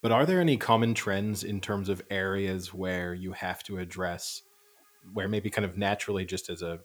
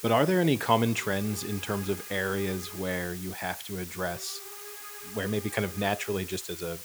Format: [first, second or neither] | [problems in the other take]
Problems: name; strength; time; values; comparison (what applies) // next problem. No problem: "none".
first | hiss; loud; throughout; 10 dB below the speech; faint in the first